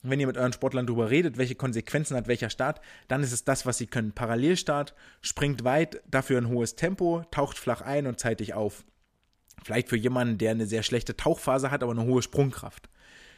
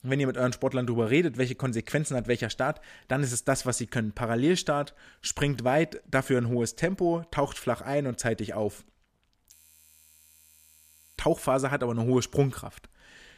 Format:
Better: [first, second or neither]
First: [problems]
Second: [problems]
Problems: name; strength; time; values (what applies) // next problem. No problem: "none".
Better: first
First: none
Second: audio freezing; at 9.5 s for 1.5 s